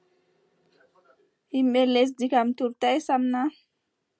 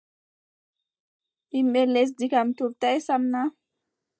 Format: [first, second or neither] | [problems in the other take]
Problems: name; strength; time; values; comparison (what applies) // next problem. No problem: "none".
first | noise reduction (neural mask model DeepFilterNet 3)